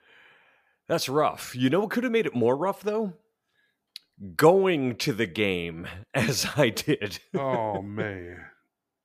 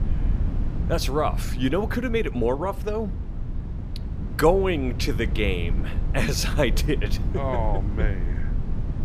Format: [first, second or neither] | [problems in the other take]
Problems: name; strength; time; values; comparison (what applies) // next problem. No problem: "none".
first | low rumble; noticeable; throughout; 15 dB below the speech